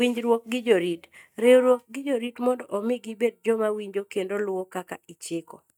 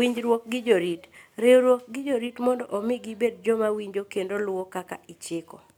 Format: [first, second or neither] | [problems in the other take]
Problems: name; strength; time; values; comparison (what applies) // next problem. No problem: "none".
second | noise reduction (neural mask model DeepFilterNet 3)